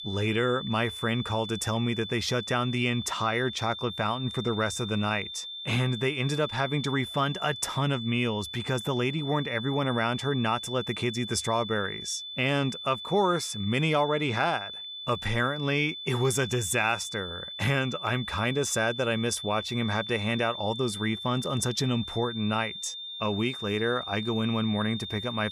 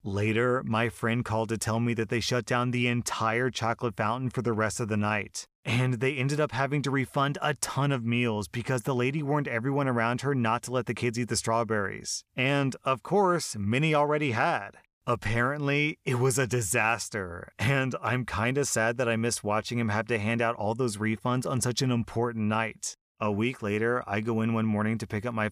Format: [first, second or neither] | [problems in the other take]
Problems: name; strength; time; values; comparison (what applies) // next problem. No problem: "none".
second | high-pitched whine; loud; throughout; 3.5 kHz, 8 dB below the speech